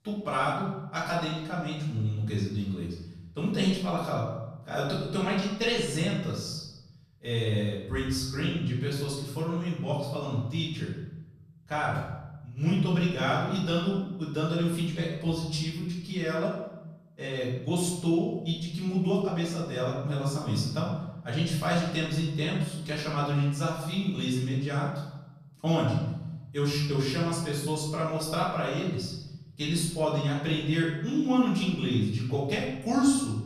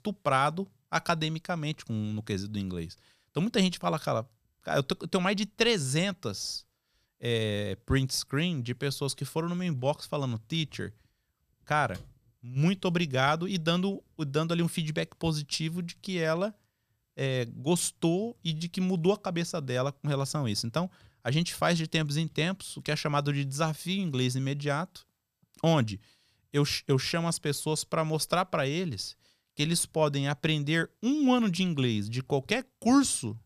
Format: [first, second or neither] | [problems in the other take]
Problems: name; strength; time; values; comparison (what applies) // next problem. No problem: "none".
second | off-mic speech; far // room echo; noticeable; dies away in 0.9 s